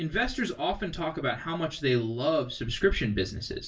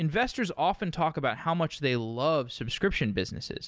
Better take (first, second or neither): second